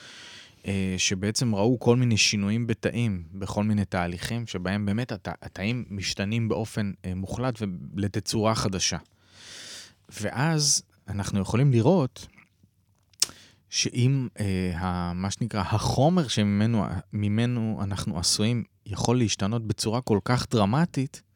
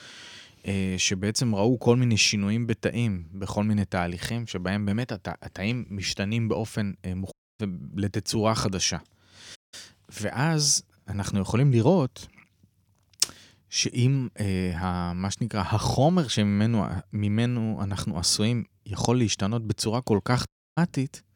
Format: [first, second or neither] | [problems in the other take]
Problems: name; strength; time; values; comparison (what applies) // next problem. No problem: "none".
first | audio cutting out; at 7.5 s, at 9.5 s and at 20 s